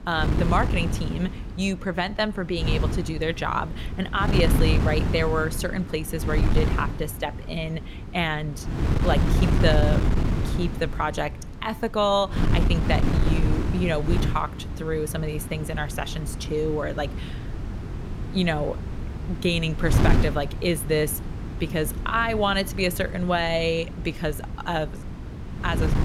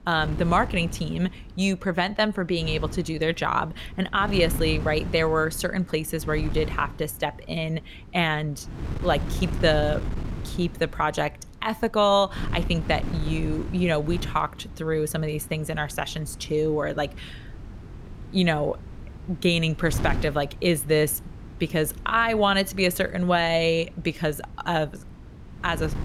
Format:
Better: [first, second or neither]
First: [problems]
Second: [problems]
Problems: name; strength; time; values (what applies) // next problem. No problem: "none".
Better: second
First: wind noise on the microphone; heavy; 9 dB below the speech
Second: wind noise on the microphone; occasional gusts; 20 dB below the speech